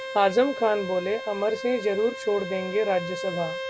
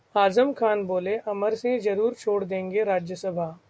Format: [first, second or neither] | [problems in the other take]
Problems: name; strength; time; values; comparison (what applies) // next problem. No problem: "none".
second | background sound (Bowed string instrument); 9 dB below the speech